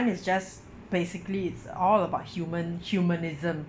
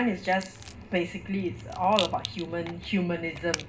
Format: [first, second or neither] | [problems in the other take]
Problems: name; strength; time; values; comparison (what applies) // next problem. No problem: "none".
first | background sound (Rattle); 11 dB below the speech // room echo; dies away in 0.2 s